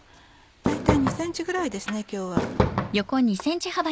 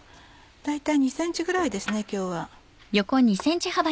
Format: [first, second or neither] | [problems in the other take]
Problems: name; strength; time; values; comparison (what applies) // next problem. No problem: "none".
second | background sound (Fireworks); as loud as the speech